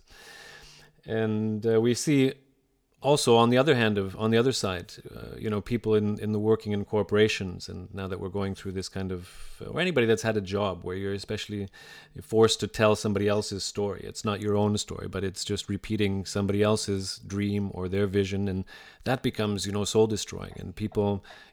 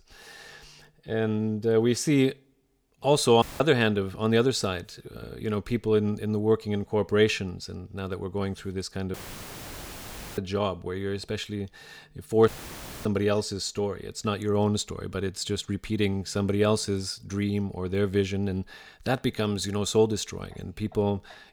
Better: first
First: none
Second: audio cutting out; filled with static; at 3.5 s, at 9 s for 1 s and at 12 s for 0.5 s

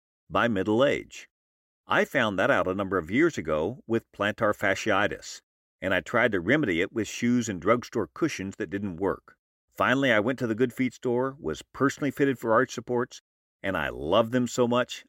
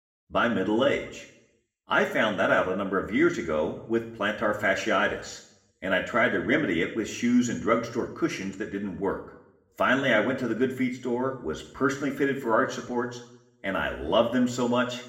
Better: first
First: none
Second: room echo; slight; dies away in 0.6 s // off-mic speech; somewhat distant

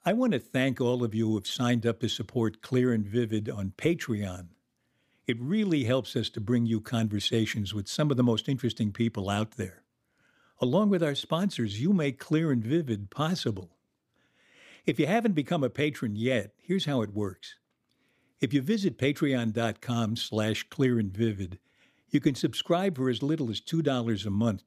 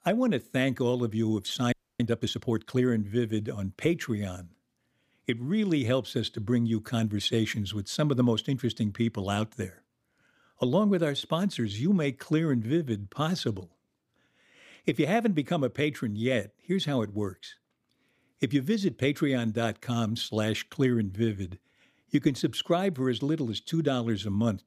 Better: first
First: none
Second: audio freezing; at 1.5 s

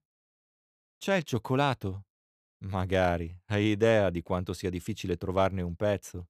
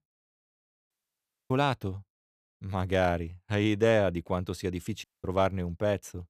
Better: first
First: none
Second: audio cutting out; at 1 s for 0.5 s and at 5 s

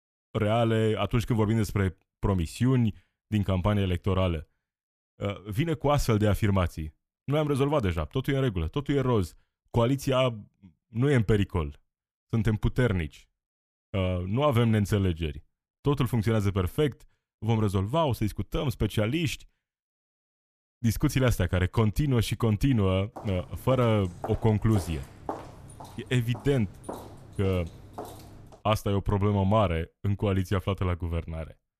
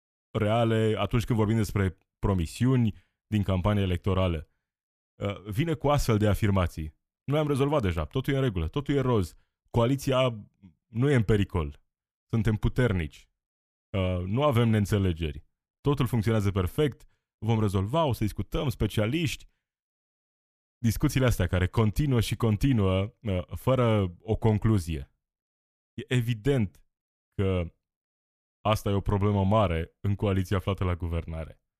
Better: second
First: footsteps; faint; from 23 to 28 s; peak 10 dB below the speech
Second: none

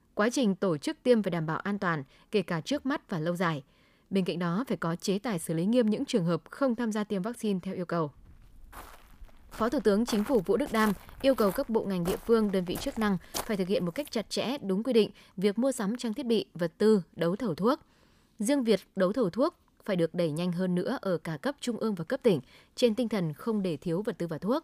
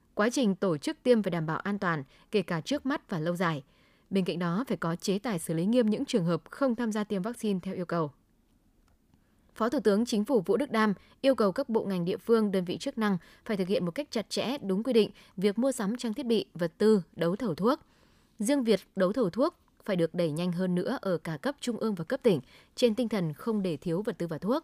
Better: second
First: footsteps; noticeable; from 8.5 to 14 s; peak 7 dB below the speech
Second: none

